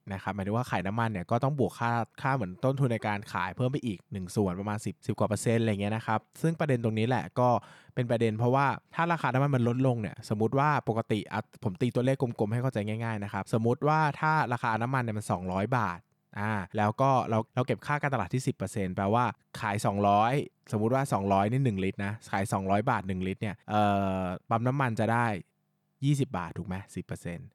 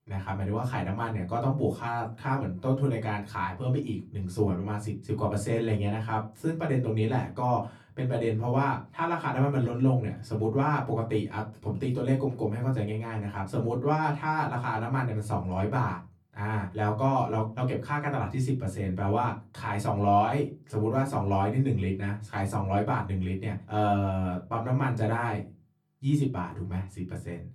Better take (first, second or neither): first